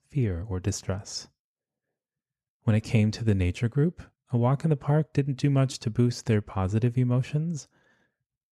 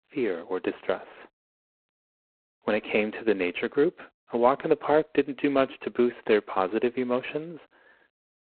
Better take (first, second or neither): first